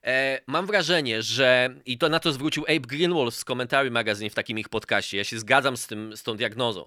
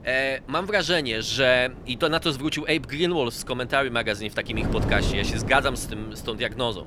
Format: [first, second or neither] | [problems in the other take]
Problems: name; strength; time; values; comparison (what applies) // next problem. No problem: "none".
first | wind noise on the microphone; occasional gusts; 15 dB below the speech